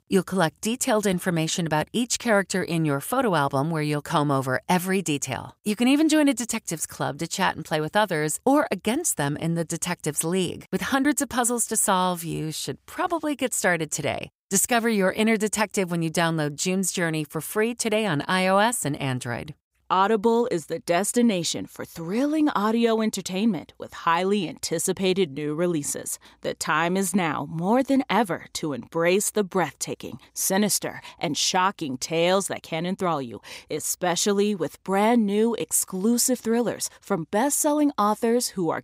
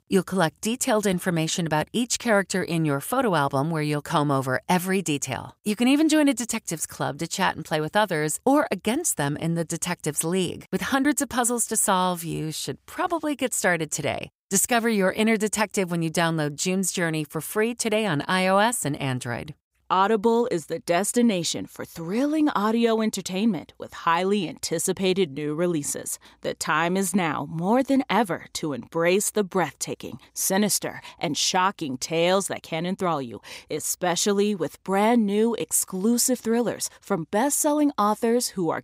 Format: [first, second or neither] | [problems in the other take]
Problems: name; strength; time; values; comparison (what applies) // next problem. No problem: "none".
neither | none